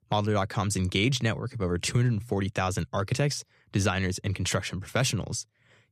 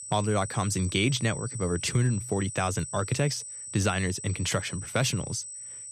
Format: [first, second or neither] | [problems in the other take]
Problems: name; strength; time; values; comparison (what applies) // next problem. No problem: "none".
first | high-pitched whine; loud; throughout; 8 kHz, 9 dB below the speech